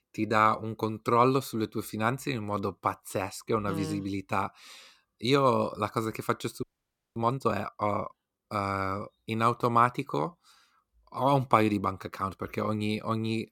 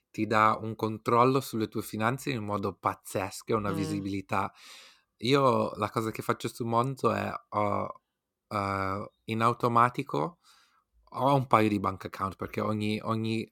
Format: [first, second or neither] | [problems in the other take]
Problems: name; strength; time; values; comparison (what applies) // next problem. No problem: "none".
second | audio freezing; at 6.5 s for 0.5 s